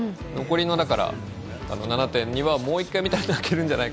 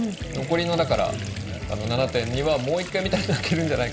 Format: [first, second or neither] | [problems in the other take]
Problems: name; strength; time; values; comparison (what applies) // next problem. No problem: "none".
first | background sound (Water tap, faucet); 16 dB below the speech // room echo; dies away in 0.4 s